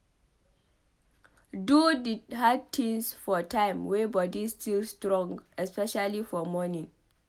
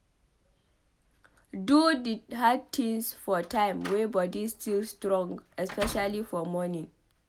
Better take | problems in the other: first | background sound (Slam); 15 dB below the speech

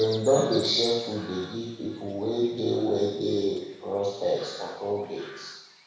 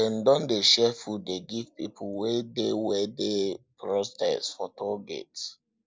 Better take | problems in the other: second | background sound (Chirp, tweet); 18 dB below the speech // room echo; dies away in 1.1 s

